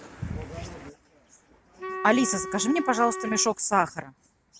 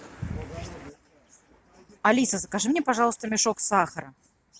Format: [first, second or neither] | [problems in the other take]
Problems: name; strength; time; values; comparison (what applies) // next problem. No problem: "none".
second | background sound (Wind instrument, woodwind instrument); 9 dB below the speech